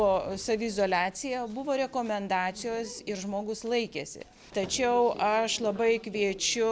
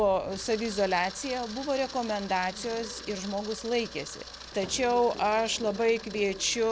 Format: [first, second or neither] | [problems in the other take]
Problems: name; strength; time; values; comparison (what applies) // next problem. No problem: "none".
first | background sound (Camera); 15 dB below the speech